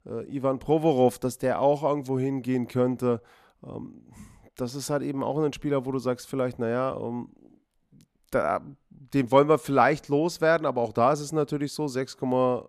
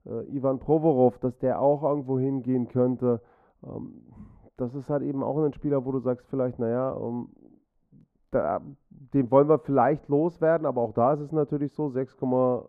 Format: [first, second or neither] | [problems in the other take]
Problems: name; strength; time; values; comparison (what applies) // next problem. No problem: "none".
first | muffled; very; fading above 2 kHz